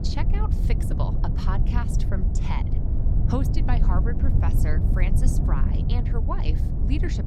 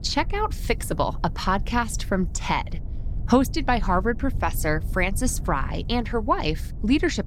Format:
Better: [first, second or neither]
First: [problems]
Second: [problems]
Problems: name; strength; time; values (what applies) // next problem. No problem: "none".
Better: second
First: low rumble; loud; throughout; 3 dB below the speech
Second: low rumble; faint; throughout; 20 dB below the speech